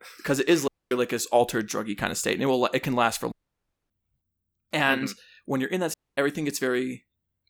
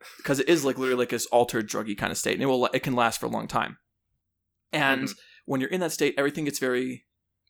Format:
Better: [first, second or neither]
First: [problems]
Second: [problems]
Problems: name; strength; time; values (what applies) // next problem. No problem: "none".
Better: second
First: audio cutting out; at 0.5 s, at 3.5 s for 0.5 s and at 6 s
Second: none